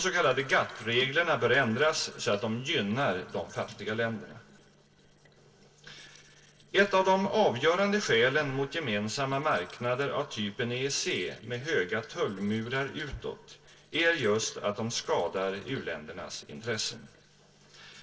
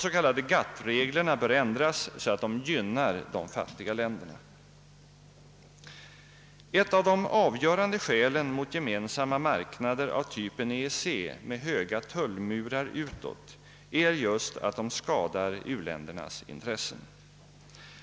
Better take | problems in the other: second | noise reduction (neural separator model SepFormer DNS4)

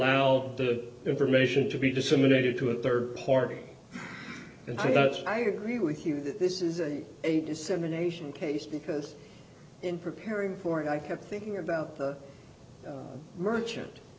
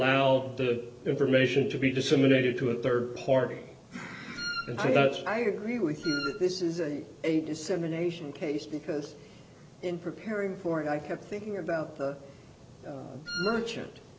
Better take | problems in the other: first | background sound (Wind instrument, woodwind instrument); 8 dB below the speech

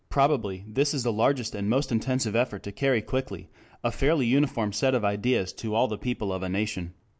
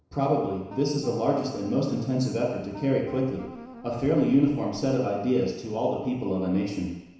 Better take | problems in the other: first | background sound (Wind instrument, woodwind instrument); 17 dB below the speech // room echo; dies away in 1 s

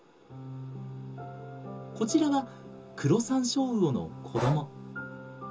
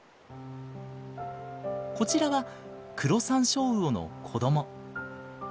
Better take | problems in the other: second | background sound (Breathing); 13 dB below the speech // room echo; dies away in 0.2 s

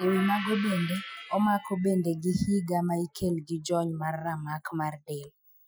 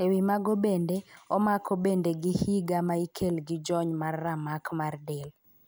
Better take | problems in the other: second | noise reduction (classical method Wiener filter)

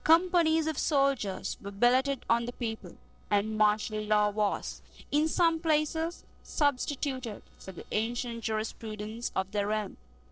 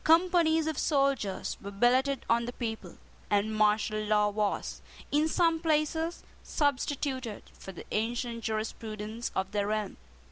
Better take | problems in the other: second | noise reduction (neural separator model SepFormer DNS4)

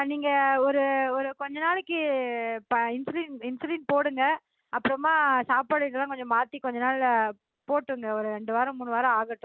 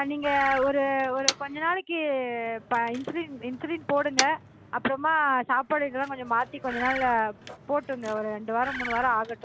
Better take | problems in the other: first | background sound (Motor vehicle (road) + Bird); 10 dB below the speech

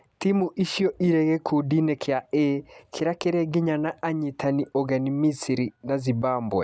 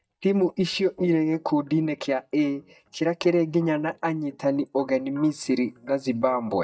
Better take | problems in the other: first | noise reduction (neural mask model DeepFilterNet 3)

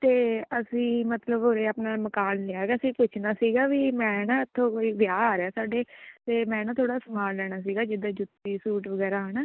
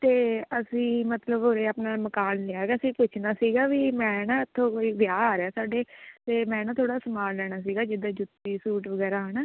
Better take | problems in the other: second | noise reduction (neural mask model Resemble Enhance denoiser)

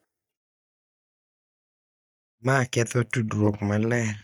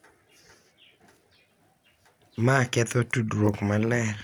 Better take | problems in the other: second | noise reduction (neural mask model DeepFilterNet 3)

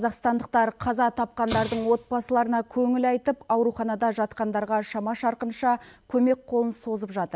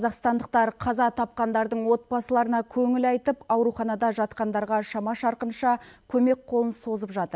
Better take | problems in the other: second | background sound (Explosion); 14 dB below the speech

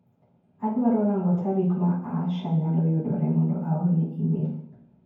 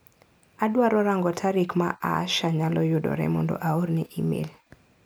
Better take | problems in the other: second | room echo; dies away in 0.9 s

